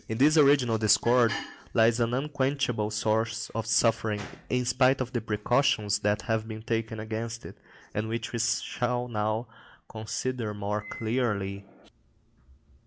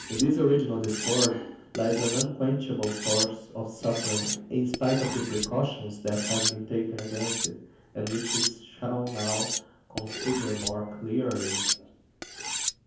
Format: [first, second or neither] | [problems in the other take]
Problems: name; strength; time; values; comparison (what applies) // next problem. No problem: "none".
first | background sound (Cutlery, silverware); 4 dB below the speech // room echo; dies away in 0.7 s